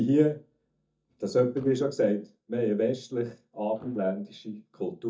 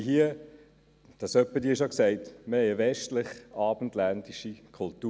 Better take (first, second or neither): second